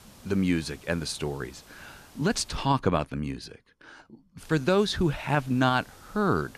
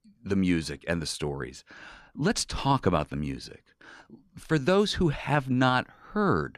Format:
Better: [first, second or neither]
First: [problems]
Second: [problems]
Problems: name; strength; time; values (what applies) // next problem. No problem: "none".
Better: second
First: hiss; faint; until 2.5 s and from 4.5 s on; 25 dB below the speech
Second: none